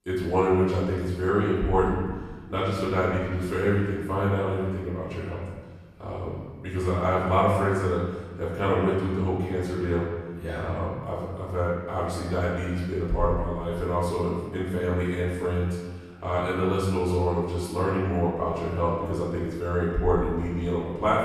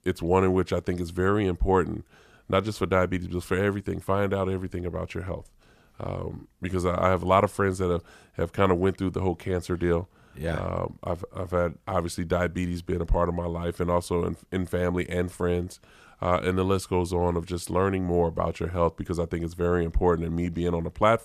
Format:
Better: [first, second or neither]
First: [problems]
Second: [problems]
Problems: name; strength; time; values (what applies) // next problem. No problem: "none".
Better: second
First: room echo; strong; dies away in 1.3 s // off-mic speech; far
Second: none